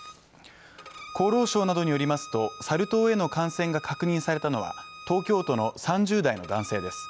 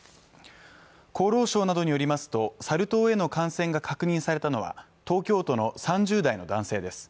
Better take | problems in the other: second | background sound (Bowed string instrument); 17 dB below the speech

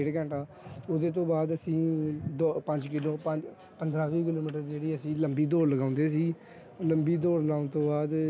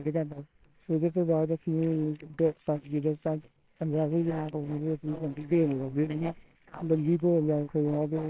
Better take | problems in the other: first | noise reduction (neural separator model SepFormer WHAMR!)

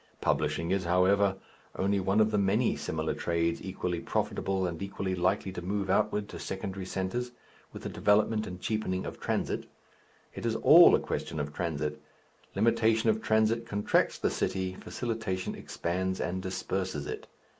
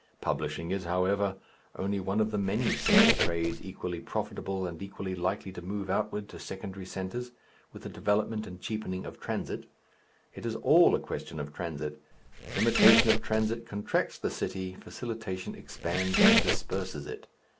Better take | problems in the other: first | background sound (Squeak); 4 dB above the speech

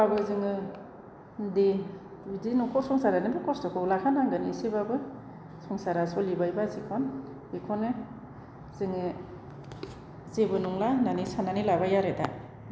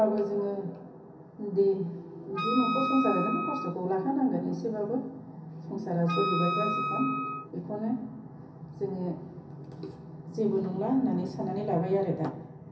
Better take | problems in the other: first | background sound (Wind instrument, woodwind instrument); 3 dB below the speech // room echo; dies away in 0.3 s

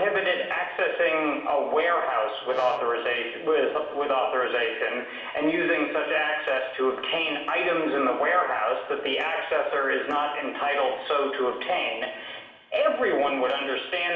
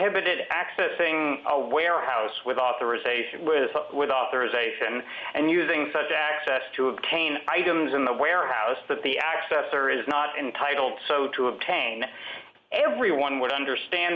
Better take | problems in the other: second | background sound (Brass instrument); 15 dB below the speech // room echo; dies away in 1.2 s

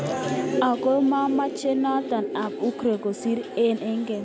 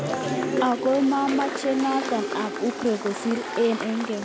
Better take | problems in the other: first | background sound (Applause / Crowd / Cheering); 11 dB below the speech

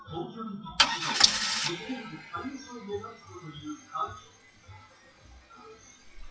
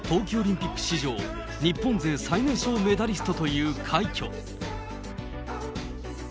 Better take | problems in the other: second | noise reduction (classical method WPE with log-MMSE)

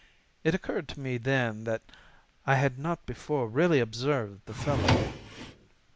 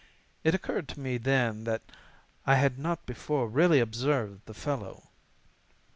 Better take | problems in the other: second | background sound (Drawer open or close); as loud as the speech

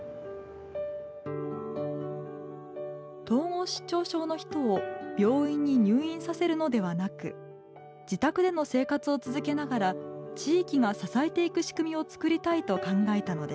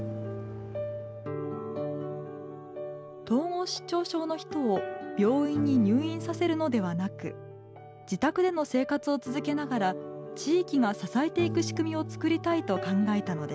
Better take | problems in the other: first | background sound (Piano); 13 dB below the speech

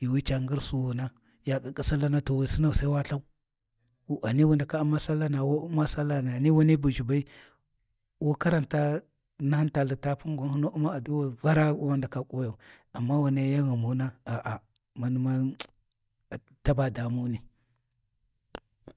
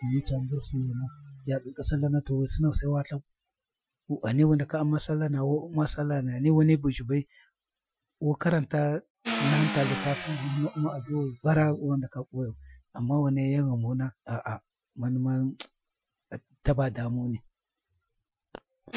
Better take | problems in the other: first | noise reduction (classical method Wiener filter)

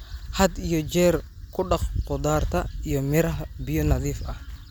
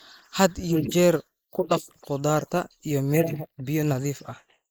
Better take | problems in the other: first | noise reduction (neural mask model Resemble Enhance denoiser)

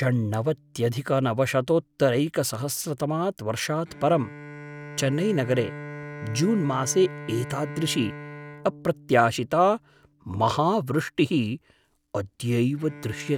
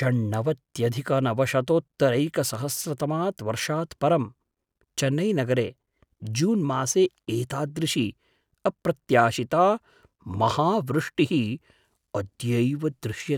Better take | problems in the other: second | background sound (Bowed string instrument); 17 dB below the speech

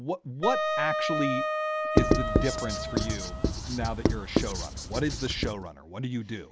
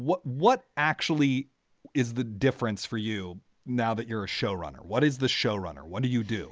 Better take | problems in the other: second | background sound (Writing + Wind instrument, woodwind instrument); 5 dB above the speech

